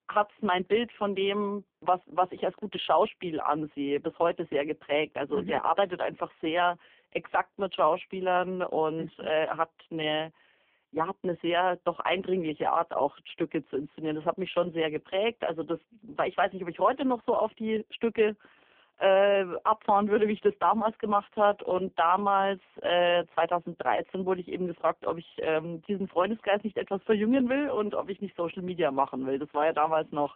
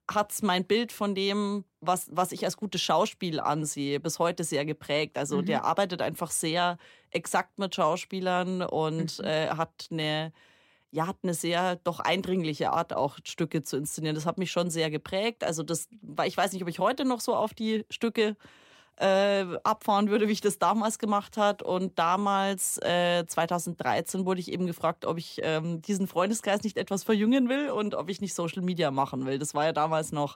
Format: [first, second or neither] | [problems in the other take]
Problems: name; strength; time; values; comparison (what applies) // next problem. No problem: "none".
second | phone-call audio; poor line; nothing above 3.5 kHz